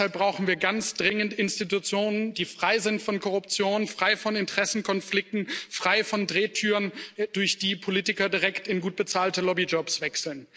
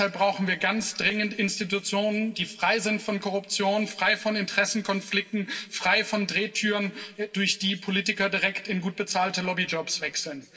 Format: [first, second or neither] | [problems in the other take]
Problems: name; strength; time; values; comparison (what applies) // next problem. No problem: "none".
first | room echo; dies away in 2 s